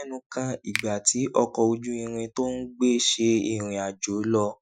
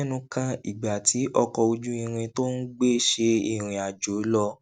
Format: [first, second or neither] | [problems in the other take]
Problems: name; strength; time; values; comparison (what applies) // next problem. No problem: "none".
second | noise reduction (classical method Wiener filter)